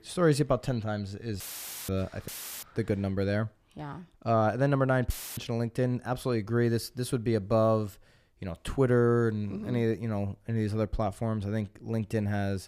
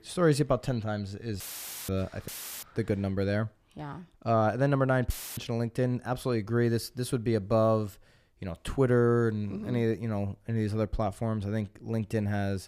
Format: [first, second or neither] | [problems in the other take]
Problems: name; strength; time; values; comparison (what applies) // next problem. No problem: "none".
neither | audio cutting out; filled with static; at 1.5 s, at 2.5 s and at 5 s; the same in both